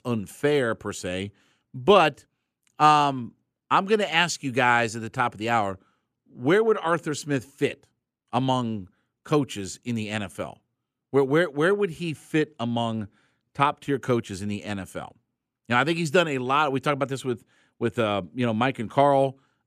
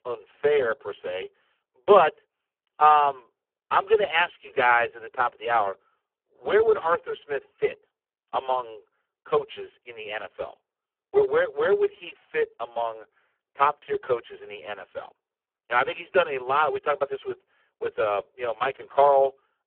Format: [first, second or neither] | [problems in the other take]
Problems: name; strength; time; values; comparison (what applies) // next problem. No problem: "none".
first | phone-call audio; poor line